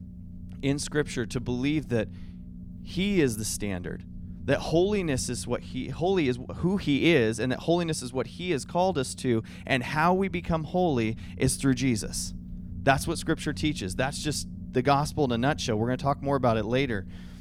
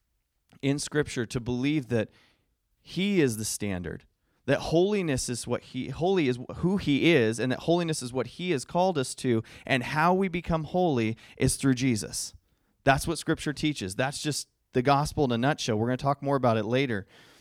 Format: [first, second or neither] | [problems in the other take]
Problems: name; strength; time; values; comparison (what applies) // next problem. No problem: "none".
second | low rumble; faint; throughout; 25 dB below the speech